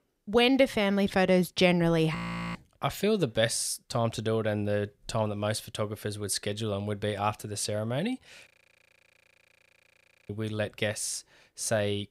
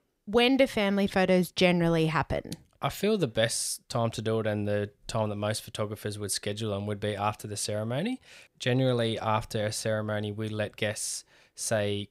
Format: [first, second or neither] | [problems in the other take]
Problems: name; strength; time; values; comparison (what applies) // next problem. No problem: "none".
second | audio freezing; at 2 s and at 8.5 s for 2 s